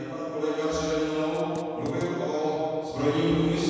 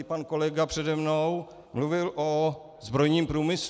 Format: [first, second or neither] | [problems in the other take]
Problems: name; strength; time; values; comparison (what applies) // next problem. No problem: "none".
second | background sound (Writing); 18 dB below the speech // room echo; dies away in 2.1 s